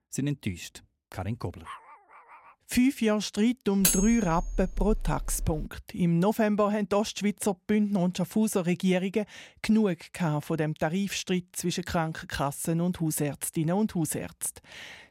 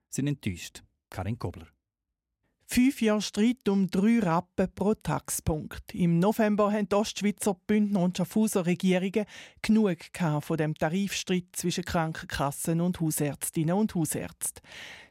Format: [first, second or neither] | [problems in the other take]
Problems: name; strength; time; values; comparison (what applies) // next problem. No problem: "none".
second | dog barking; faint; at 1.5 s; peak 15 dB below the speech // clattering dishes; loud; from 4 to 5.5 s; peak 4 dB above the speech